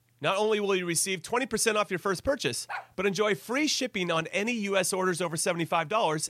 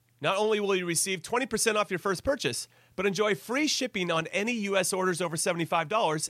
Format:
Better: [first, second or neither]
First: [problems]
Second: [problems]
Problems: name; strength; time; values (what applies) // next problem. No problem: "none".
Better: second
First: dog barking; faint; at 2.5 s; peak 10 dB below the speech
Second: none